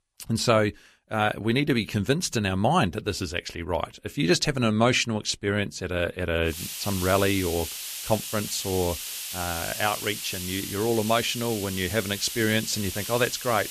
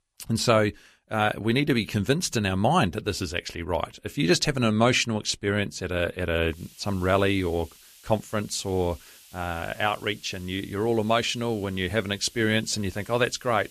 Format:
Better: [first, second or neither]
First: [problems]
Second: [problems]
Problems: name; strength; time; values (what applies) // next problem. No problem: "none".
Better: second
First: hiss; loud; from 6.5 s on; 7 dB below the speech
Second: hiss; faint; from 6.5 s on; 25 dB below the speech